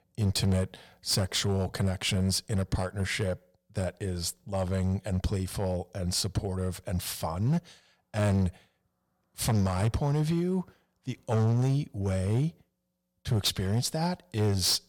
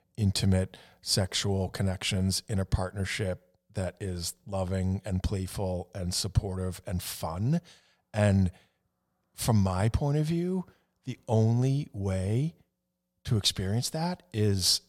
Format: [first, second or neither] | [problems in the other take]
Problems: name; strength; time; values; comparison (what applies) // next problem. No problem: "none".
second | distortion; slight; 7% of the sound clipped